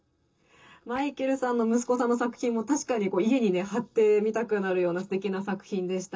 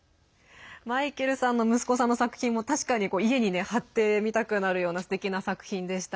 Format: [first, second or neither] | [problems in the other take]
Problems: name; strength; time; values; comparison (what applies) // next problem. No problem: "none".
second | noise reduction (neural separator model SepFormer DNS4)